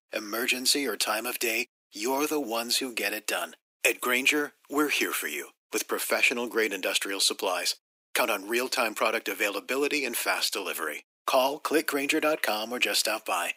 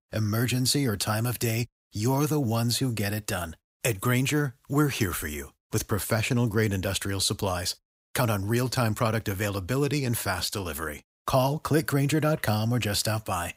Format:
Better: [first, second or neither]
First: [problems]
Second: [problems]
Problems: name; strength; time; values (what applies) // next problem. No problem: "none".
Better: second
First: thin; somewhat; fading below 300 Hz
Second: none